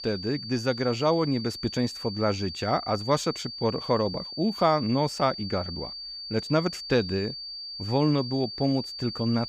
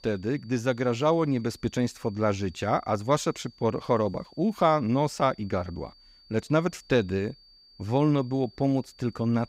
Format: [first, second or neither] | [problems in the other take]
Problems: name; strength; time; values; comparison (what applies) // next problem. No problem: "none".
second | high-pitched whine; loud; throughout; 4.5 kHz, 8 dB below the speech; faint in the second